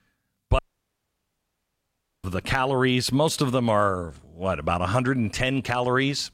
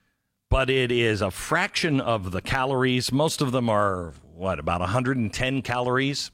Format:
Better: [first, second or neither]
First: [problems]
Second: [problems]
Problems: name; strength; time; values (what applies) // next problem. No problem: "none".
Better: second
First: audio cutting out; at 0.5 s for 1.5 s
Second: none